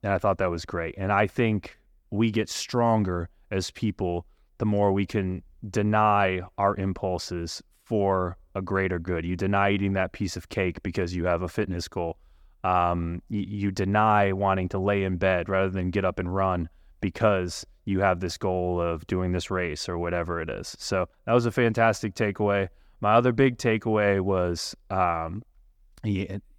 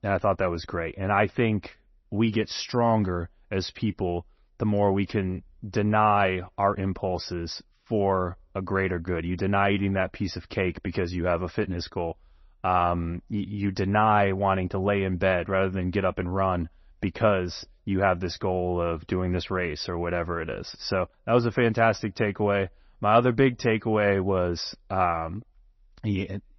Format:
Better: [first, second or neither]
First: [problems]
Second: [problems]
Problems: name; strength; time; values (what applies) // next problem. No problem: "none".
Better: first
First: none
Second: garbled, watery; slightly; nothing above 6 kHz